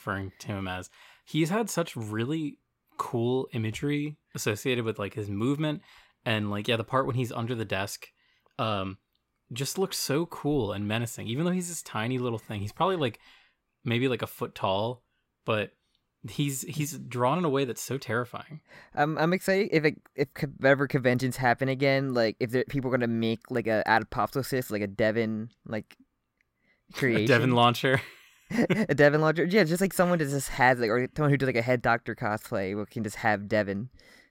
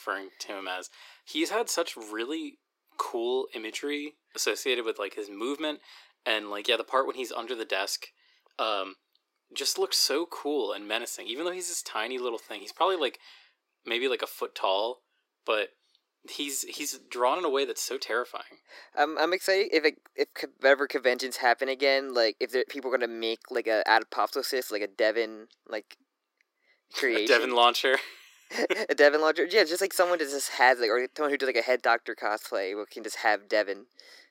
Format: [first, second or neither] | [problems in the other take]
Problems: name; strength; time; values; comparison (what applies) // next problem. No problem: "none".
first | thin; very; fading below 300 Hz